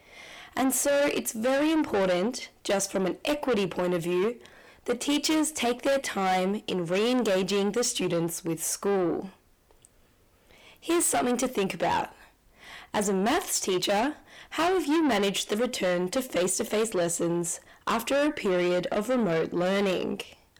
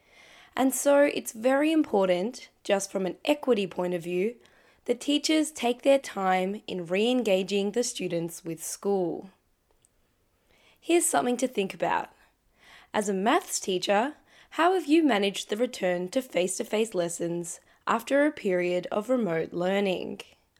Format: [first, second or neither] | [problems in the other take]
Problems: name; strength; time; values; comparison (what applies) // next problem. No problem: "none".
second | distortion; heavy; 7 dB below the speech